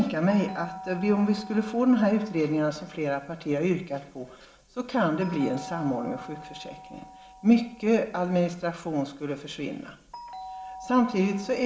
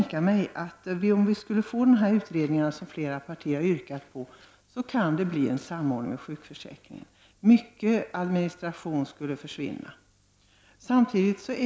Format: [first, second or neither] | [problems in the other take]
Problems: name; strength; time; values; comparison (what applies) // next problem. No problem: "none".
second | background sound (Doorbell); 18 dB below the speech // room echo; dies away in 0.7 s